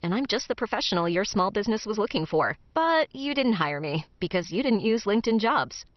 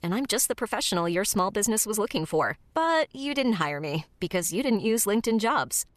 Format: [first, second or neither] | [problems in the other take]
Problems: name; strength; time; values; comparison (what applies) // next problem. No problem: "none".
second | garbled, watery; slightly; nothing above 6 kHz